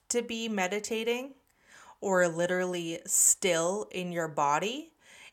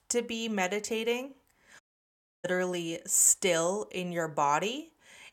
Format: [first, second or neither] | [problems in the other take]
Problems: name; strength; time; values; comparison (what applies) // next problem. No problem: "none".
first | audio cutting out; at 2 s for 0.5 s